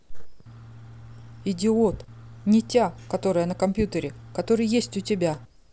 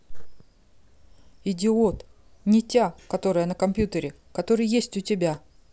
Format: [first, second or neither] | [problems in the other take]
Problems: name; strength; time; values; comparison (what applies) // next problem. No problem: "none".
second | background sound (Engine / Truck); 19 dB below the speech